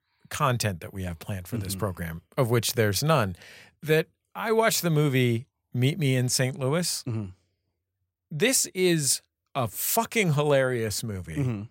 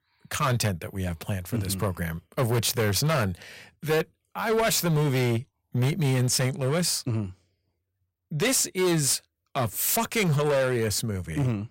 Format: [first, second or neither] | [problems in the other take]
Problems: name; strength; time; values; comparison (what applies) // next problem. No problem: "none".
first | distortion; heavy; 12% of the sound clipped